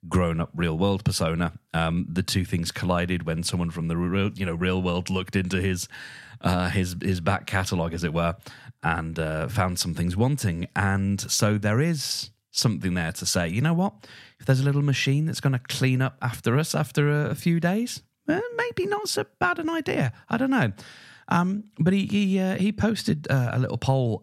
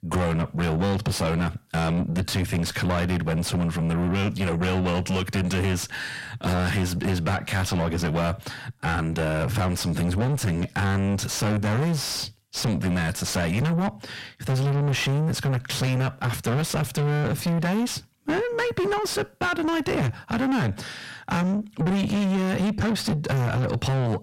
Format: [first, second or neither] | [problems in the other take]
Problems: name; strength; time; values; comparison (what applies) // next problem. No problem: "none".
first | distortion; heavy; 5 dB below the speech